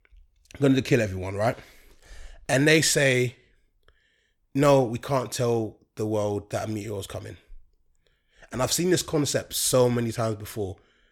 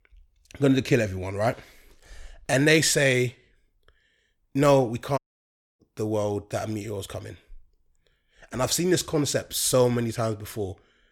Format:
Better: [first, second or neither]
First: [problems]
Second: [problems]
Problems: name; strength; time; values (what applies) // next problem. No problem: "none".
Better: first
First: none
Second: audio cutting out; at 5 s for 0.5 s